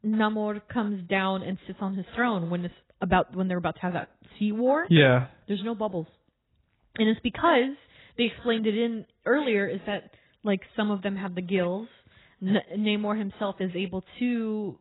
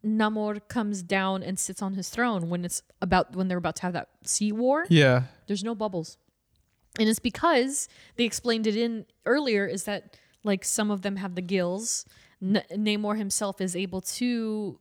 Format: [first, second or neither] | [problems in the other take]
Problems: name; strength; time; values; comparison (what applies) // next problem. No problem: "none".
second | garbled, watery; badly; nothing above 4 kHz